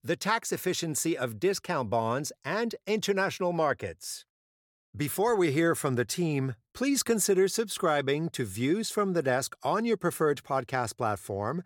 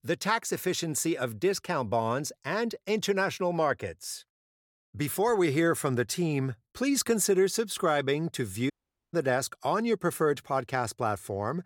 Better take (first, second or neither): first